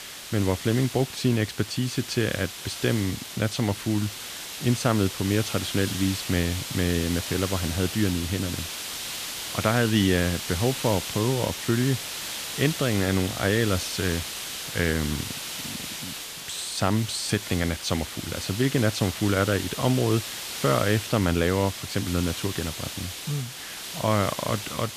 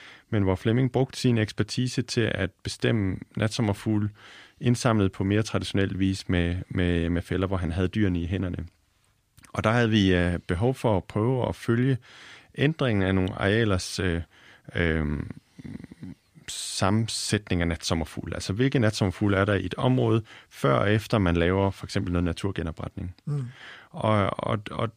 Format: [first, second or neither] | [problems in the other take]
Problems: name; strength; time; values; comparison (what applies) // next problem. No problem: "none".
second | hiss; loud; throughout; 6 dB below the speech